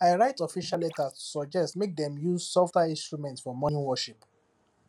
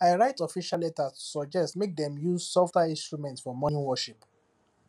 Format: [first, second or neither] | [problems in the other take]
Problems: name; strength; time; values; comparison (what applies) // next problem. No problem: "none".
second | background sound (Gurgling / Liquid); 19 dB below the speech